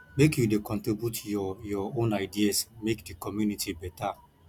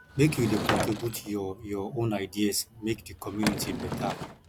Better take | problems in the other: first | background sound (Sliding door / Wood); 5 dB below the speech

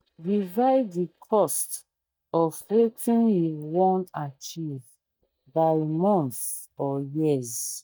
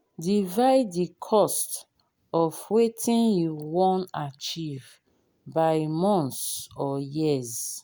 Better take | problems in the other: second | noise reduction (neural mask model DeepFilterNet 3)

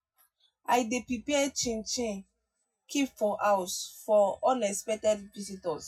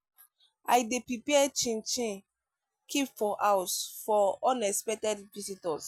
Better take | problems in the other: second | room echo; dies away in 0.3 s

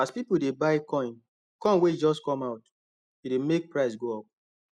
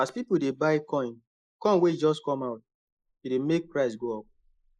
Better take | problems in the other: first | noise reduction (neural mask model Resemble Enhance denoiser)

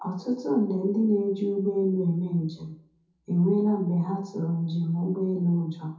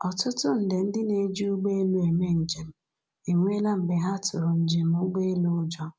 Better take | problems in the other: second | room echo; dies away in 0.5 s

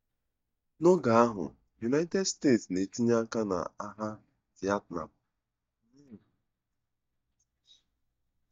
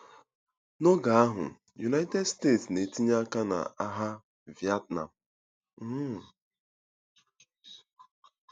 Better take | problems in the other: second | noise reduction (neural mask model DeepFilterNet 3)

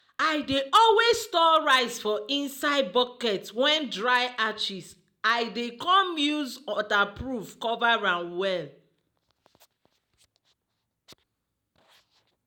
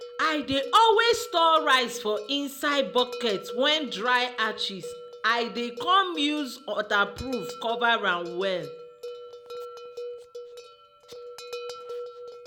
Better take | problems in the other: first | background sound (Bell); 13 dB below the speech

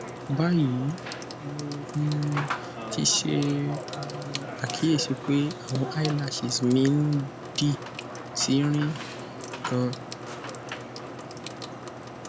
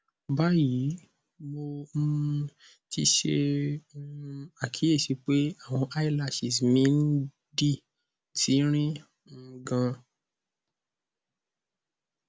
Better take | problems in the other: second | background sound (Sink (filling or washing) / Water tap, faucet / Water); 8 dB below the speech

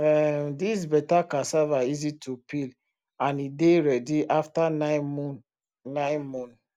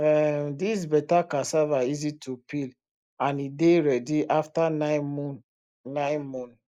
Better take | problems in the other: first | noise reduction (neural mask model Resemble Enhance denoiser)

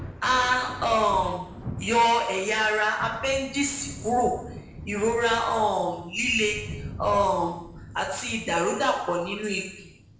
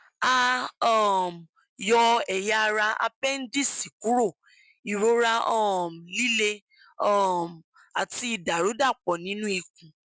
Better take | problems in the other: second | background sound (Thunder); 14 dB below the speech // room echo; dies away in 0.8 s

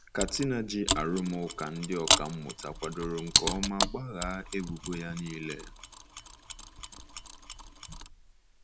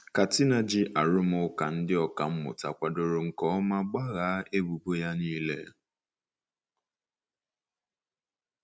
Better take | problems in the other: second | background sound (Mechanisms); 2 dB above the speech

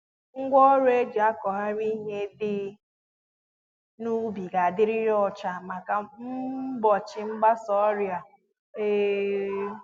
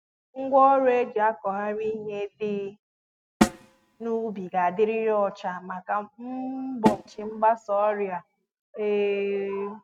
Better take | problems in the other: first | noise reduction (neural mask model RNNoise)

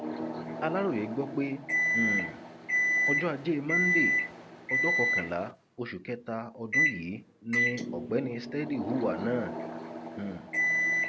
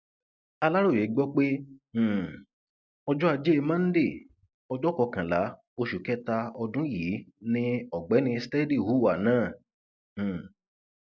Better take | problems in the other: second | background sound (Microwave oven); 3 dB above the speech

